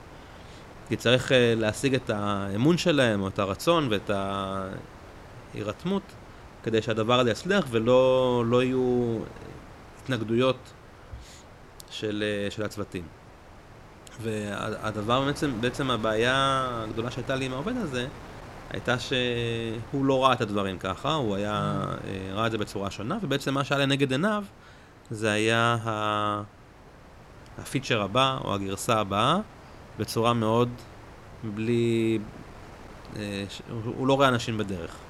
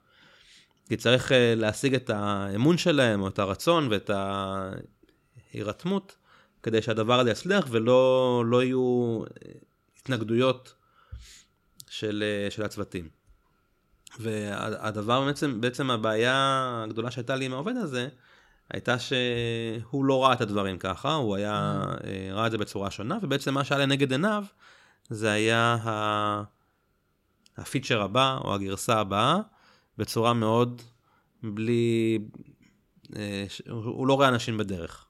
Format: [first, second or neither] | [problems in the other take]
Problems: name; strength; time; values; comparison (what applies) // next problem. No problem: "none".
second | wind noise on the microphone; occasional gusts; 20 dB below the speech